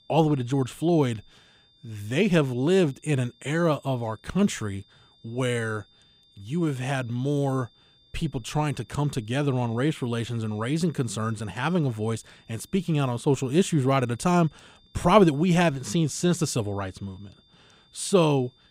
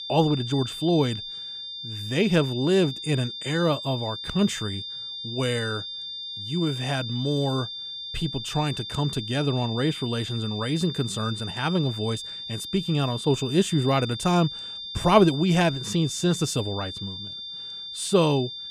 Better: first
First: high-pitched whine; faint; throughout; 3.5 kHz, 35 dB below the speech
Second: high-pitched whine; loud; throughout; 3.5 kHz, 8 dB below the speech

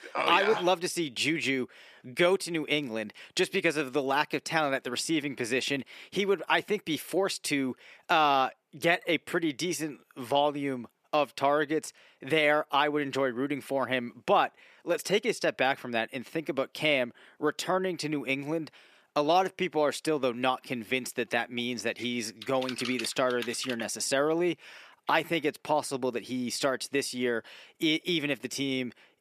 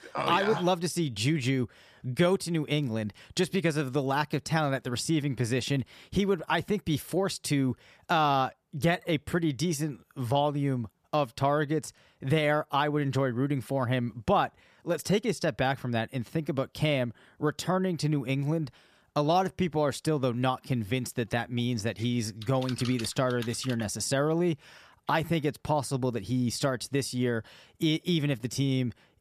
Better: second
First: thin; somewhat; fading below 350 Hz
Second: none

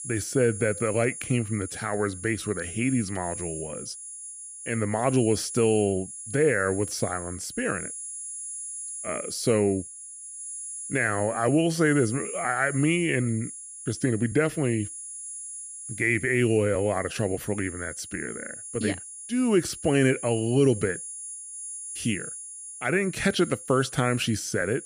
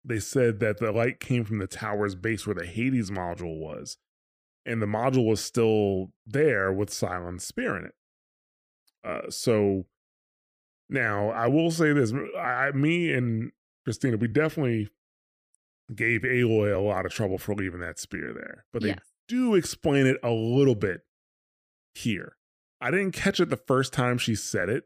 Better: second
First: high-pitched whine; loud; throughout; 9.5 kHz, 10 dB below the speech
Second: none

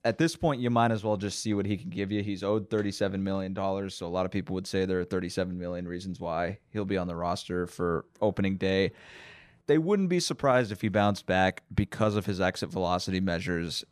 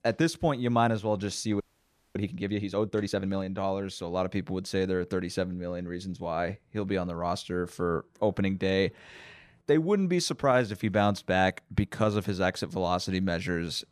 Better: first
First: none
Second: audio freezing; at 1.5 s for 0.5 s

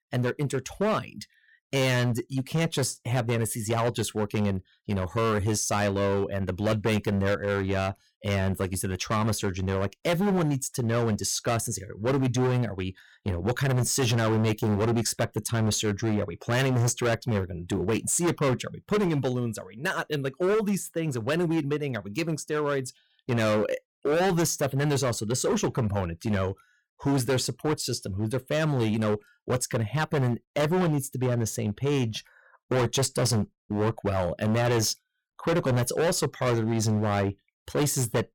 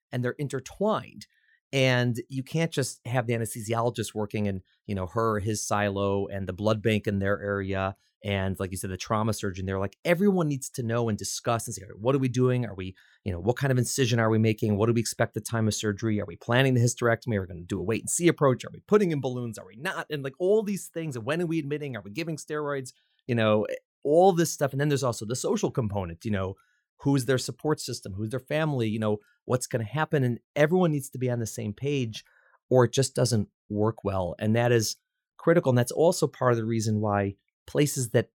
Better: second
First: distortion; heavy; 16% of the sound clipped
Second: none

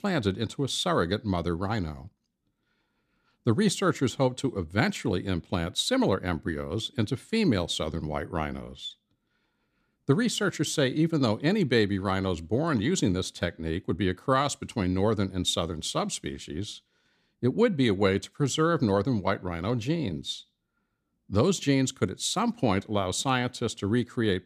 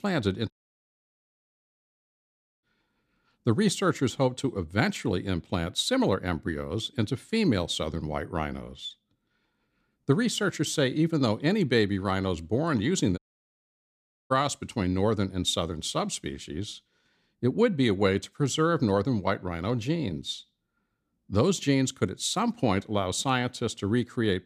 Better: first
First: none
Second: audio cutting out; at 0.5 s for 2 s and at 13 s for 1 s

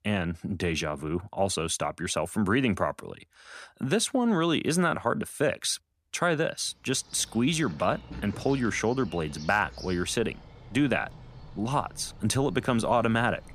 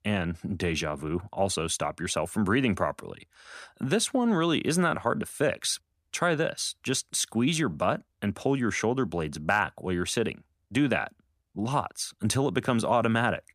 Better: second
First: animal sounds; noticeable; from 7 s on; 20 dB below the speech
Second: none

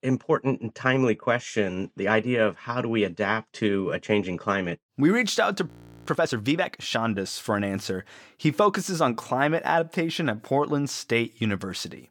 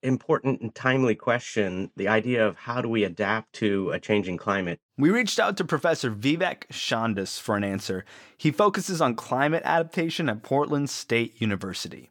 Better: second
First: audio freezing; at 5.5 s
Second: none

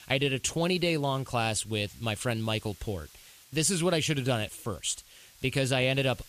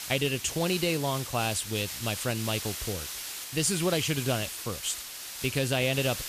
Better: first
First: hiss; faint; throughout; 25 dB below the speech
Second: hiss; loud; throughout; 6 dB below the speech

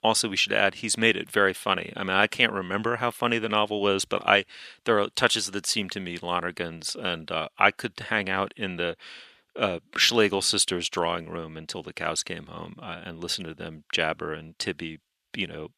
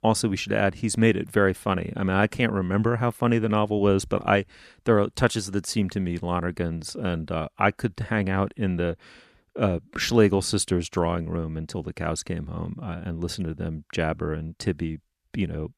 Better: second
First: thin; somewhat; fading below 750 Hz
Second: none

